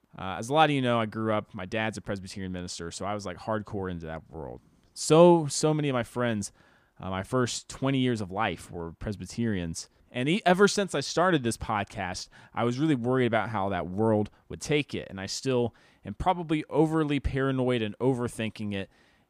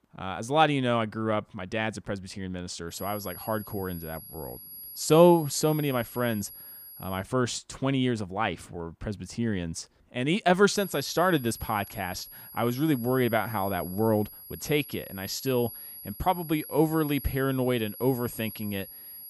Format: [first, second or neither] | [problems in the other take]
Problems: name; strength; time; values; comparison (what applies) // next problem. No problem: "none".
first | high-pitched whine; noticeable; from 3 to 7 s and from 11 s on; 11.5 kHz, 15 dB below the speech